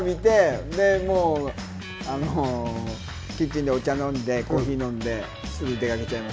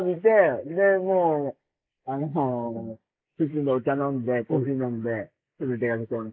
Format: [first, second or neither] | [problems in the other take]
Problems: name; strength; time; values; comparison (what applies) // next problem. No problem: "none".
first | noise reduction (neural mask model Resemble Enhance denoiser)